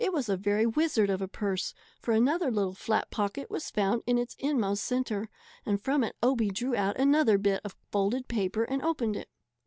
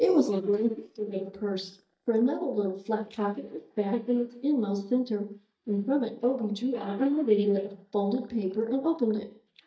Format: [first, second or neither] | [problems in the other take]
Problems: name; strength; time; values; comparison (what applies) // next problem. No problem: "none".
first | noise reduction (neural mask model DeepFilterNet 3)